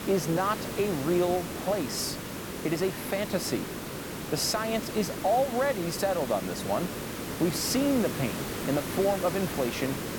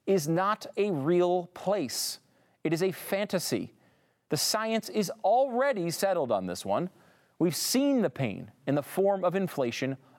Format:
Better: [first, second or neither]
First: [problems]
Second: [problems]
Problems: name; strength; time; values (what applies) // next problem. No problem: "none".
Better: second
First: hiss; loud; throughout; 6 dB below the speech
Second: none